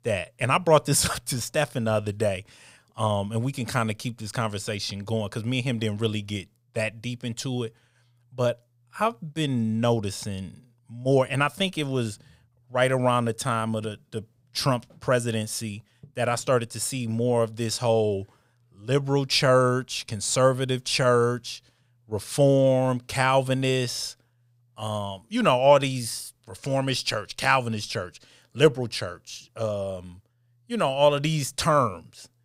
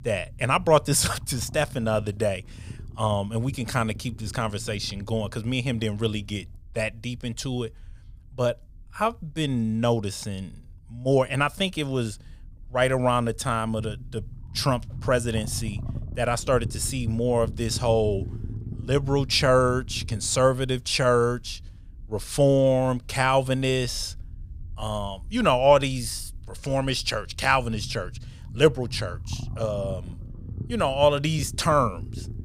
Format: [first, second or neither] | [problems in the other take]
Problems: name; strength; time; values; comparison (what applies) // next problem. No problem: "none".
first | low rumble; faint; throughout; 25 dB below the speech